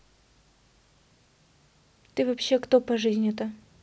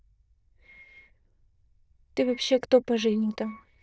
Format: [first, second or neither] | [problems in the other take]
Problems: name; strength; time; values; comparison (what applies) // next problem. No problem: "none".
first | noise reduction (neural diffusion model UNIVERSE++)